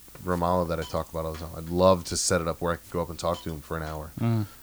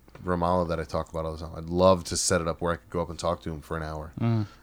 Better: second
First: hiss; noticeable; throughout; 20 dB below the speech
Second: none

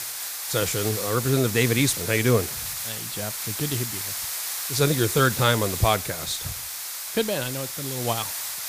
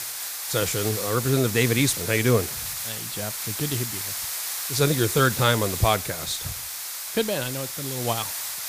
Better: neither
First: hiss; loud; throughout; 4 dB below the speech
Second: hiss; loud; throughout; 4 dB below the speech

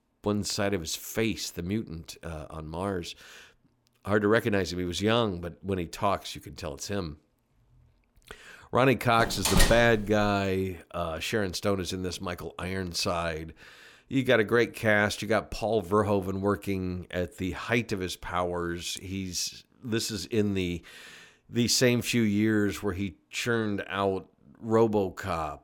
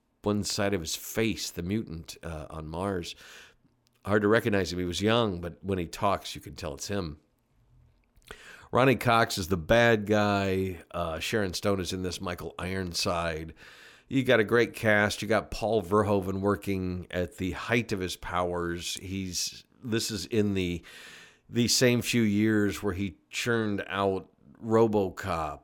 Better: second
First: door banging; loud; from 9 to 10 s; peak 4 dB above the speech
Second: none

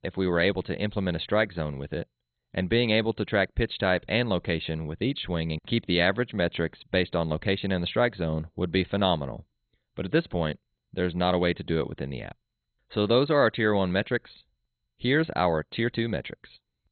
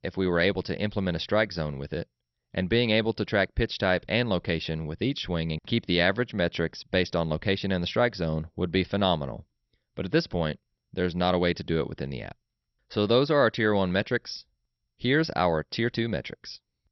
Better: second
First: garbled, watery; badly; nothing above 4 kHz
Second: garbled, watery; slightly; nothing above 5.5 kHz

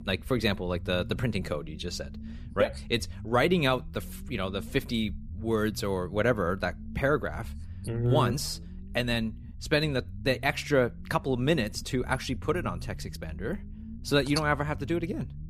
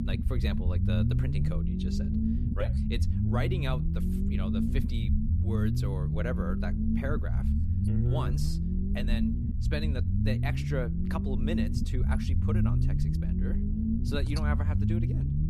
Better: first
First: low rumble; faint; throughout; 25 dB below the speech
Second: low rumble; loud; throughout; 1 dB below the speech

